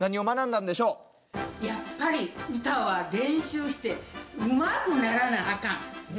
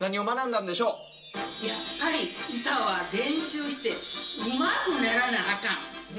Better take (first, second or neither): first